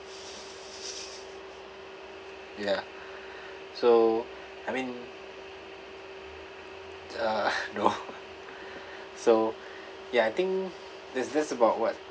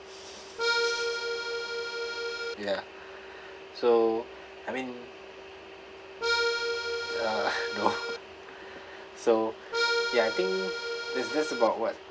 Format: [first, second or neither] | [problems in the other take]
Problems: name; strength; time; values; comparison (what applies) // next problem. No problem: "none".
first | background sound (Accordion); 2 dB above the speech